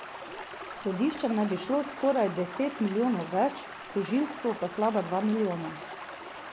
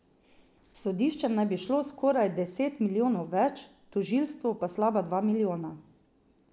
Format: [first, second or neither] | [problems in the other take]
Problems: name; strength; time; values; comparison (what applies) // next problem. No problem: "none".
second | background sound (Stream); 11 dB below the speech